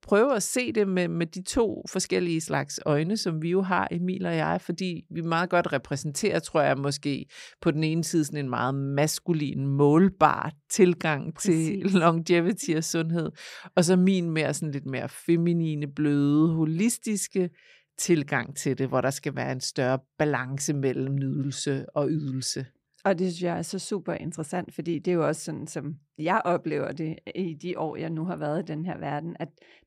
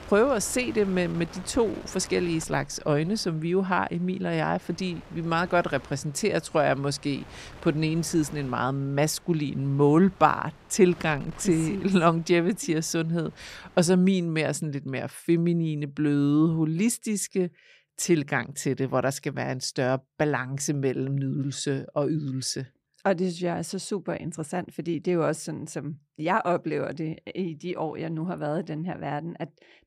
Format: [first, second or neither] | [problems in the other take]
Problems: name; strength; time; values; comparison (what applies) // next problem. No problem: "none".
first | wind noise on the microphone; occasional gusts; until 14 s; 20 dB below the speech